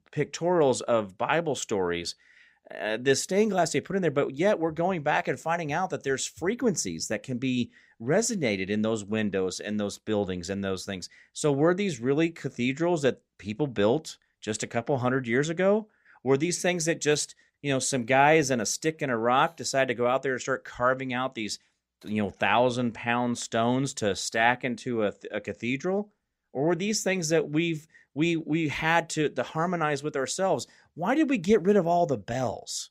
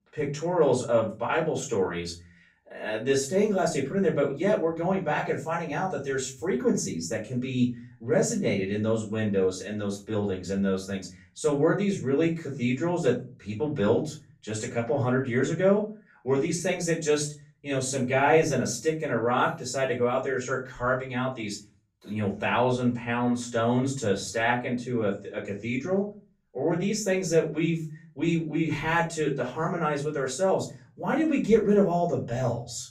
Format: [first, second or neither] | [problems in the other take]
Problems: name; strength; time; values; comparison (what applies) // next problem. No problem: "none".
first | off-mic speech; far // room echo; slight; dies away in 0.4 s